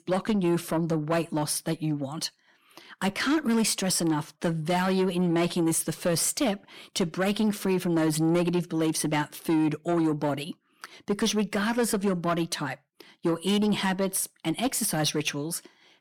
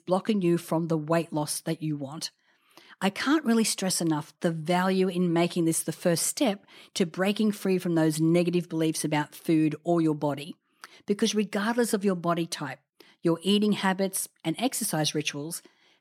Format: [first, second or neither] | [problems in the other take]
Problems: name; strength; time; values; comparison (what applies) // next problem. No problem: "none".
second | distortion; slight; 10 dB below the speech